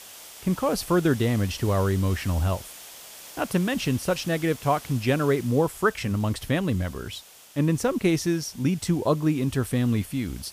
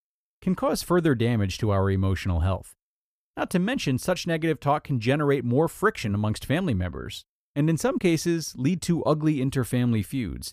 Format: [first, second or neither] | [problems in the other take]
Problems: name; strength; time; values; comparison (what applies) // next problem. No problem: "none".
second | hiss; noticeable; throughout; 20 dB below the speech